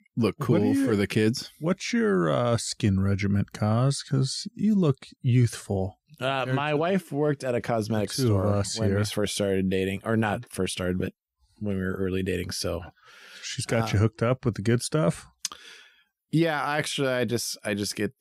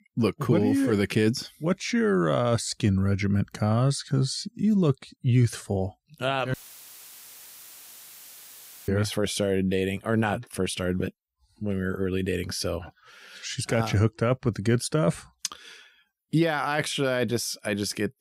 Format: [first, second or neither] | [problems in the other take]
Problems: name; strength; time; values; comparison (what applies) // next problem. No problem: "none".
first | audio cutting out; filled with static; at 6.5 s for 2.5 s